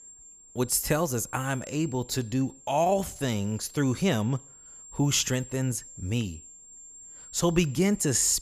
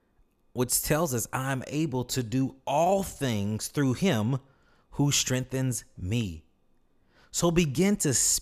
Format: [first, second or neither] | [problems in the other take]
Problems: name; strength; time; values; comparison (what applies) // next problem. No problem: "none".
second | high-pitched whine; noticeable; throughout; 7.5 kHz, 20 dB below the speech